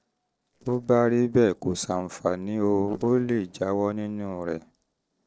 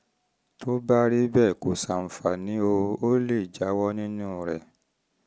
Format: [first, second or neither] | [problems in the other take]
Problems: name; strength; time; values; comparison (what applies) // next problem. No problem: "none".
second | noise reduction (neural separator model SepFormer DNS4)